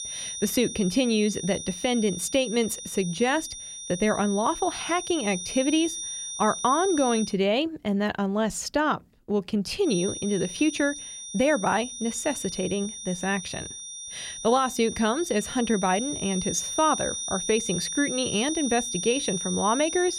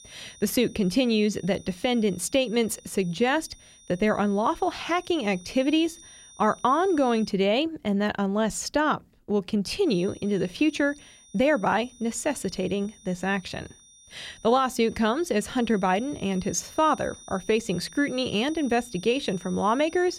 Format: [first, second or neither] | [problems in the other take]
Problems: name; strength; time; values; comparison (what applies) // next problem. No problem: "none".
second | high-pitched whine; loud; until 7.5 s and from 10 s on; 6 kHz, 7 dB below the speech; faint in the second